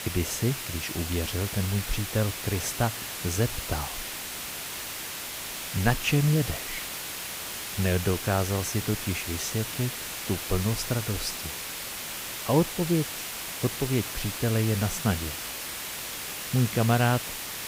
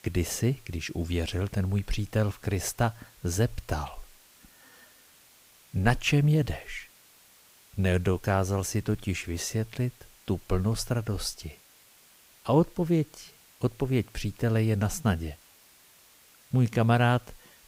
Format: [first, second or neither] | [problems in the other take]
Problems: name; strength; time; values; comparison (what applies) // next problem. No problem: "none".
second | hiss; loud; throughout; 4 dB below the speech; faint in the second